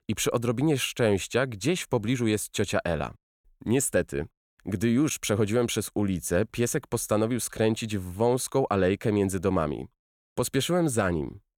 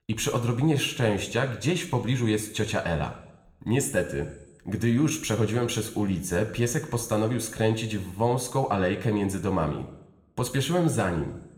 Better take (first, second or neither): first